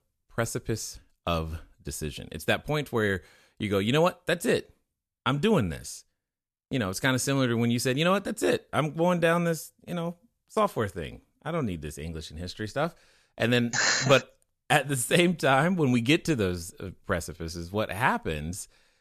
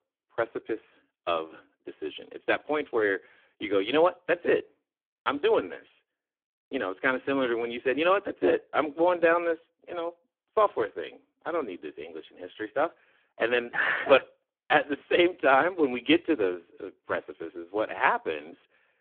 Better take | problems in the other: first | phone-call audio; poor line; nothing above 3.5 kHz

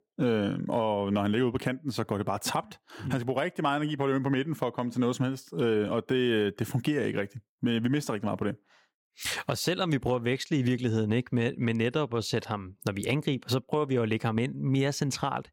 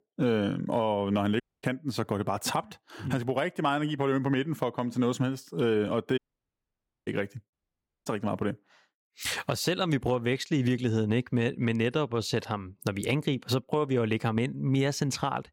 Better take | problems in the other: first | audio cutting out; at 1.5 s, at 6 s for 1 s and at 7.5 s for 0.5 s

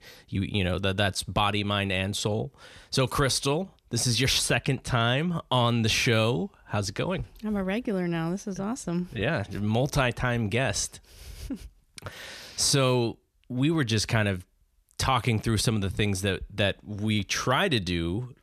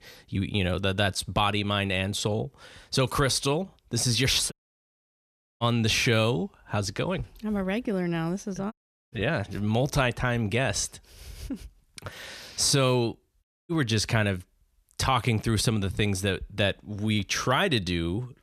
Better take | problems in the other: first | audio cutting out; at 4.5 s for 1 s, at 8.5 s and at 13 s

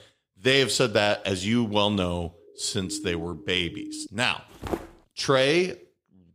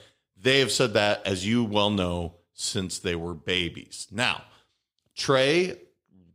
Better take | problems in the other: second | siren; faint; from 2.5 to 4 s; peak 15 dB below the speech // footsteps; noticeable; at 4.5 s; peak 9 dB below the speech

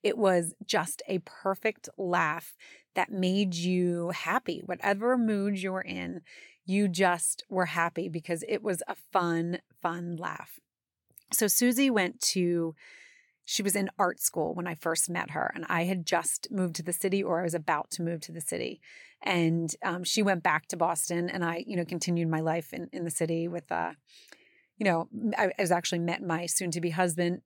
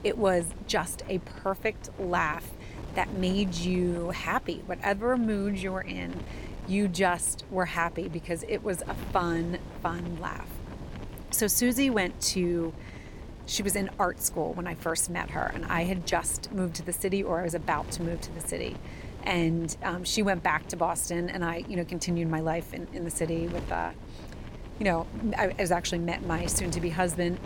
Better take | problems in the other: first | wind noise on the microphone; occasional gusts; 15 dB below the speech

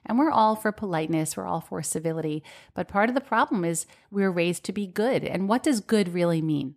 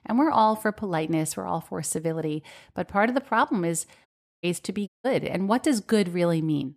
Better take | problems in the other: first | audio cutting out; at 4 s and at 5 s

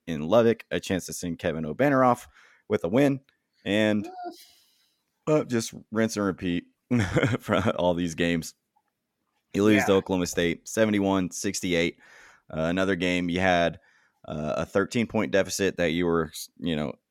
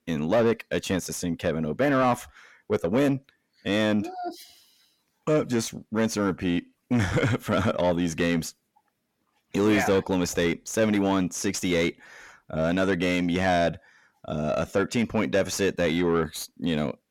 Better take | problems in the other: first | distortion; slight; 10 dB below the speech

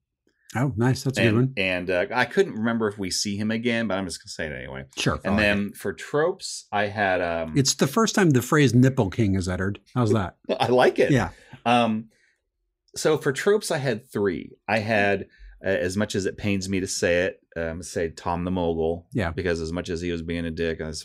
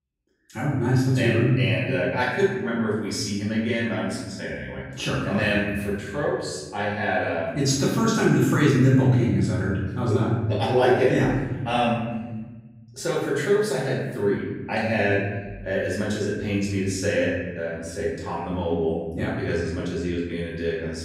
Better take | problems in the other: first | off-mic speech; far // room echo; noticeable; dies away in 1.6 s

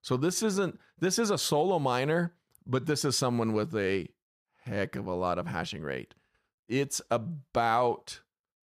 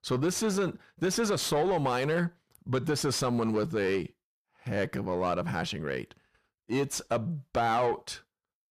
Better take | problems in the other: first | distortion; slight; 10 dB below the speech

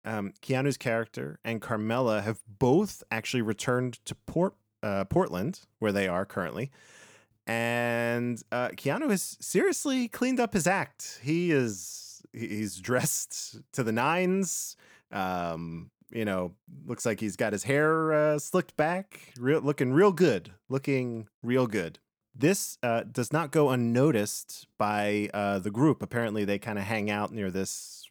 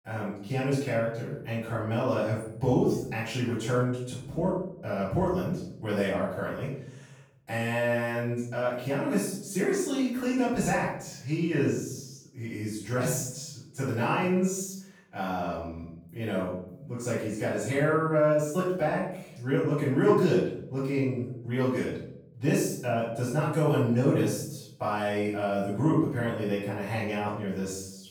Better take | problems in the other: first | off-mic speech; far // room echo; noticeable; dies away in 0.6 s

